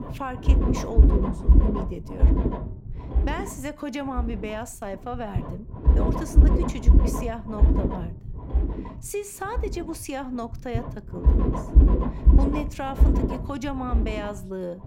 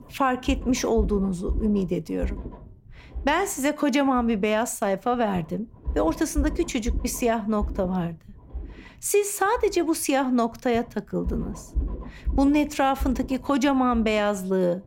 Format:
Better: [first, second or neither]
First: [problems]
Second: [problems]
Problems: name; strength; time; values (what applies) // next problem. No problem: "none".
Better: second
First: low rumble; loud; throughout; as loud as the speech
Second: low rumble; faint; throughout; 20 dB below the speech